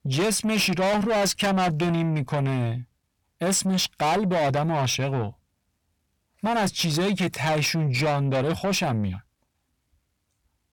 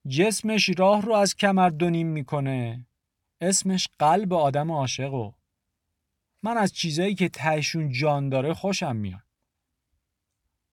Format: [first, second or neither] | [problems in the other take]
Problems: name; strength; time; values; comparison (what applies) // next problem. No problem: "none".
second | distortion; heavy; 6 dB below the speech